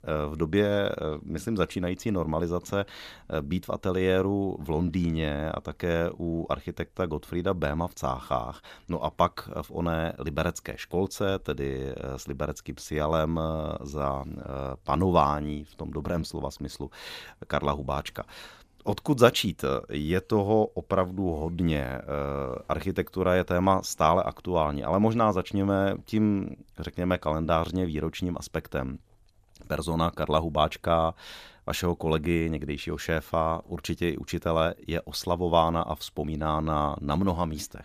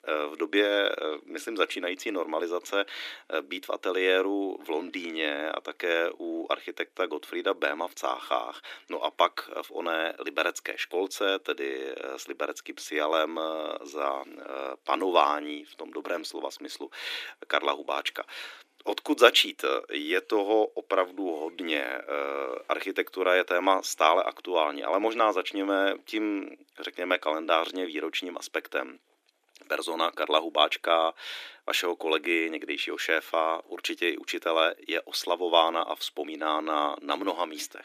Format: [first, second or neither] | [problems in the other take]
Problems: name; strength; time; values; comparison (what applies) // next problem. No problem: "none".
first | thin; somewhat; fading below 300 Hz